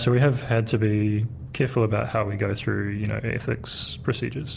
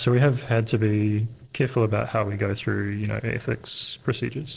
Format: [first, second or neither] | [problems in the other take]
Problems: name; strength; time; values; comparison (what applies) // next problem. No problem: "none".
first | noise reduction (neural separator model SepFormer DNS4)